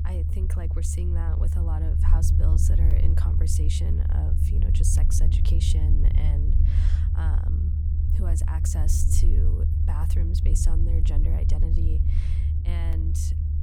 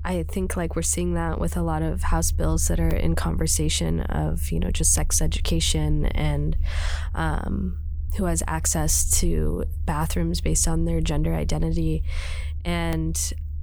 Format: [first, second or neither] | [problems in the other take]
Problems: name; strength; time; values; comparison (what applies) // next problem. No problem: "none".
second | low rumble; loud; throughout; 1 dB below the speech; faint in the second